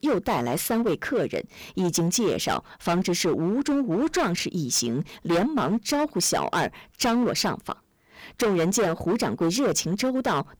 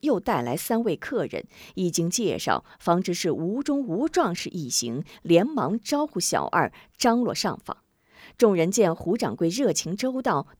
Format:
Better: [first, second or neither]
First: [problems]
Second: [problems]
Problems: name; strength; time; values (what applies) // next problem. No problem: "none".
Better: second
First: distortion; heavy; 16% of the sound clipped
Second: none